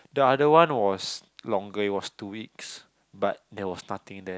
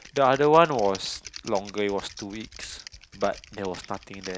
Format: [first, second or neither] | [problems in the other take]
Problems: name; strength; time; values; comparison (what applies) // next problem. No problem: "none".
first | background sound (Typing); 18 dB below the speech